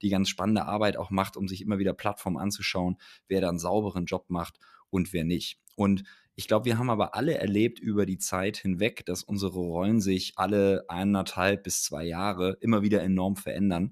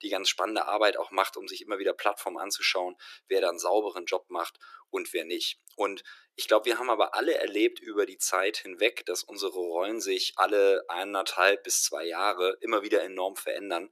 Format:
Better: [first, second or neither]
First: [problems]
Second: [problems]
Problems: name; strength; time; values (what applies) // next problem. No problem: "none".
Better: first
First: none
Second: thin; very; fading below 350 Hz